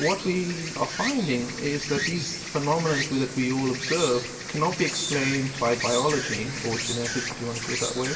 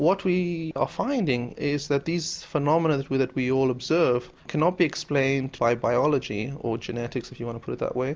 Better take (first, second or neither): second